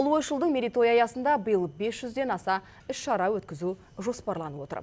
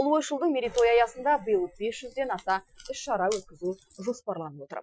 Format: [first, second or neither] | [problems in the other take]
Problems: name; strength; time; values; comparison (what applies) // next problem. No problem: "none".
first | noise reduction (classical method Wiener filter)